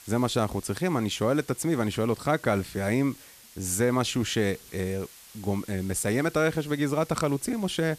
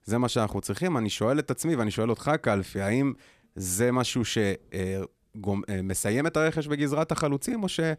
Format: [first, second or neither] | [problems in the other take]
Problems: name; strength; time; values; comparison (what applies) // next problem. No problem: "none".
second | hiss; faint; throughout; 20 dB below the speech